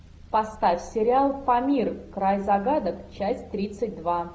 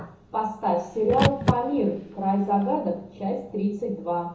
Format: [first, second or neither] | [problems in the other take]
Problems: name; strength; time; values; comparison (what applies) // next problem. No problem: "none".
first | background sound (Car); 4 dB below the speech // room echo; dies away in 0.6 s